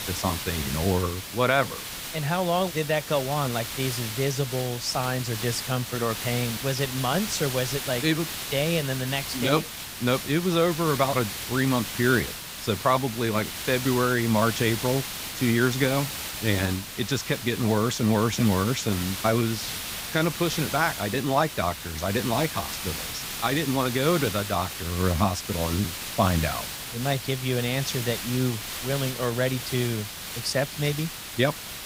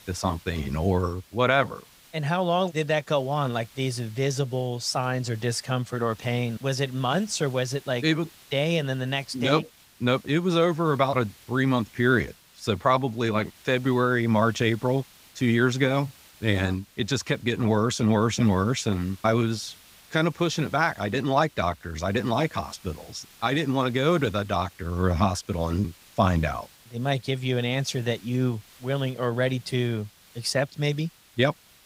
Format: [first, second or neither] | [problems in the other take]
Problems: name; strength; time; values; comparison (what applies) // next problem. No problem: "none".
second | hiss; loud; throughout; 6 dB below the speech; faint in the second